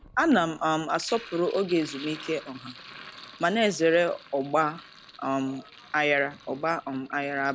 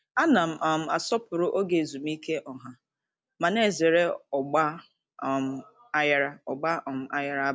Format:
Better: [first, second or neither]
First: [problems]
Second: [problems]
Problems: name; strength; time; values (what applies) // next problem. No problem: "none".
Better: second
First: background sound (Sink (filling or washing)); 20 dB below the speech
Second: none